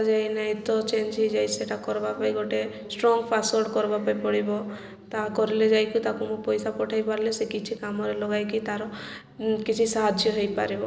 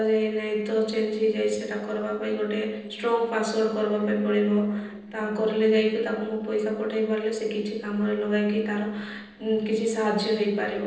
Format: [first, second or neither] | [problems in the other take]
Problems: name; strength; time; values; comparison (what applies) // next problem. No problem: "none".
first | noise reduction (neural separator model SepFormer DNS4)